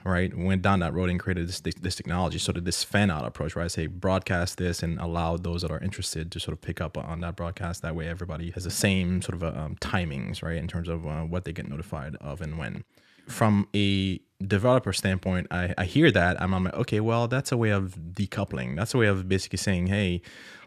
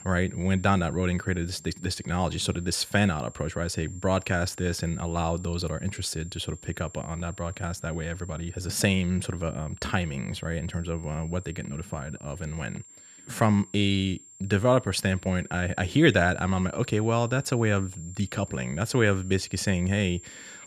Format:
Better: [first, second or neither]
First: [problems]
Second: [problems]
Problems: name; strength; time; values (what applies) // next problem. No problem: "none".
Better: first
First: none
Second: high-pitched whine; noticeable; throughout; 7.5 kHz, 20 dB below the speech